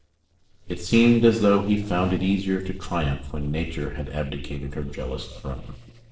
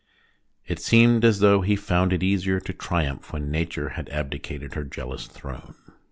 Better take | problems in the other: second | noise reduction (neural separator model SepFormer DNS4)

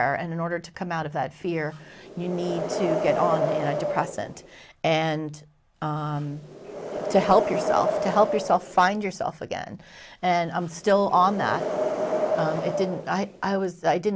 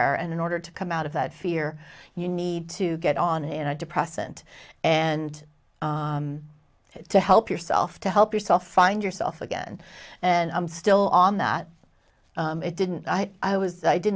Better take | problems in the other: second | background sound (Wind); 5 dB below the speech

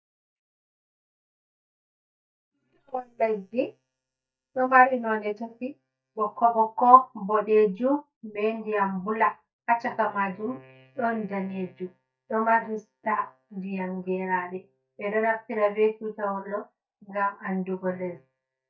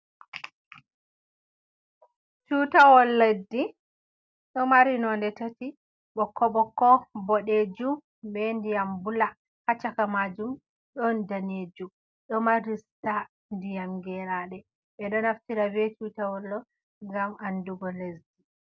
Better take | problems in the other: second | noise reduction (neural mask model DeepFilterNet 3)

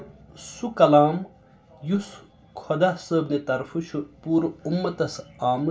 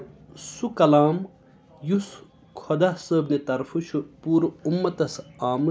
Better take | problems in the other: second | room echo; dies away in 0.2 s

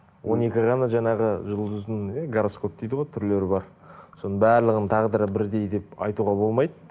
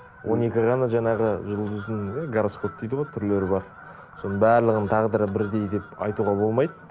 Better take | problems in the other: first | background sound (Fowl); 19 dB below the speech

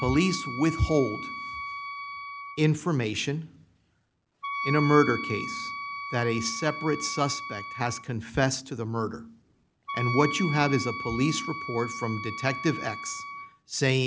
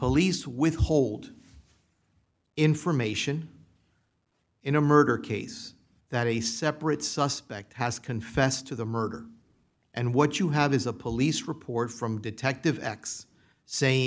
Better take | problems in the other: second | background sound (Wind instrument, woodwind instrument); 8 dB below the speech

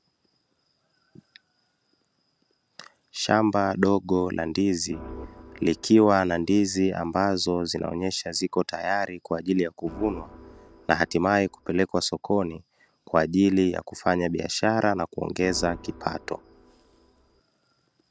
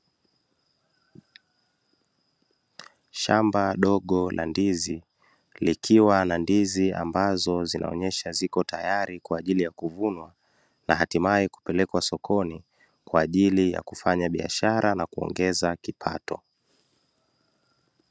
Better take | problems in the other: second | background sound (Organ); 17 dB below the speech

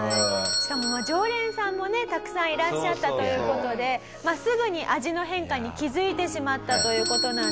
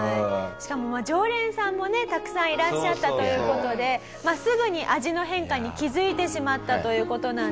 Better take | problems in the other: second | background sound (Bell / Doorbell); 7 dB below the speech

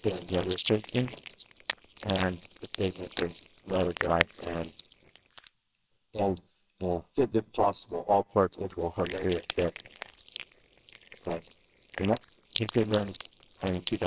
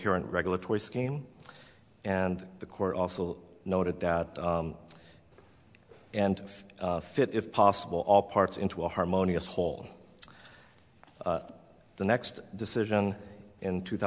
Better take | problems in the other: second | noise reduction (neural separator model SepFormer WHAMR!)

